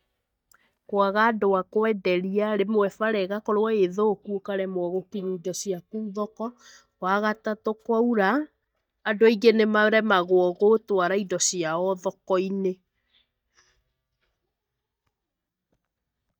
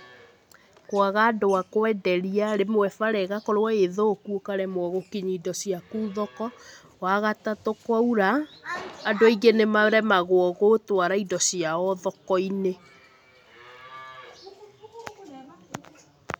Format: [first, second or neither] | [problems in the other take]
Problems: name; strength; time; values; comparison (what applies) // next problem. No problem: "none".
second | noise reduction (neural mask model DeepFilterNet 3)